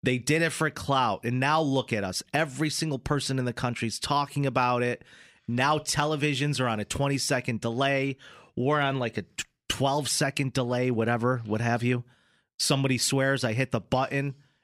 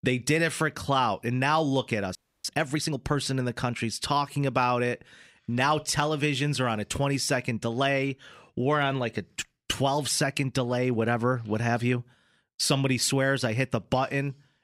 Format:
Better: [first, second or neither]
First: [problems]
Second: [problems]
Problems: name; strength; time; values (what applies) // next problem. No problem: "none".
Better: first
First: none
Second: audio freezing; at 2 s